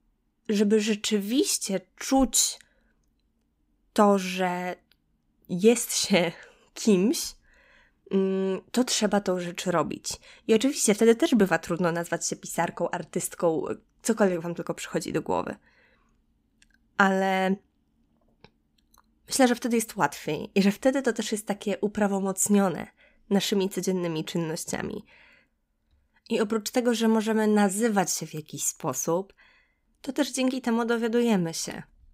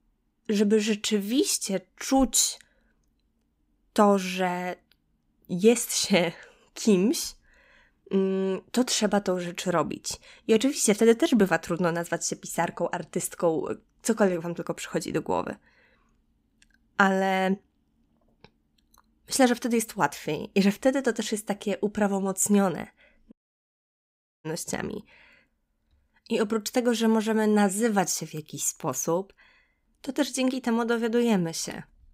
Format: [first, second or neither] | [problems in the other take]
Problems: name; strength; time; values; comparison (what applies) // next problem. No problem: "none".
first | audio cutting out; at 23 s for 1 s